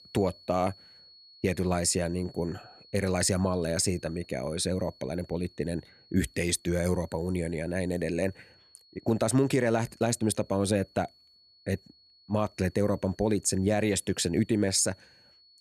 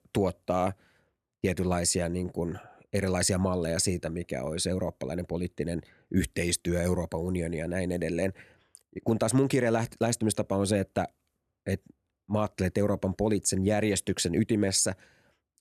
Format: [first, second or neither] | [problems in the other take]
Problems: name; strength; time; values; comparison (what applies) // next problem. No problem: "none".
second | high-pitched whine; faint; throughout; 4.5 kHz, 25 dB below the speech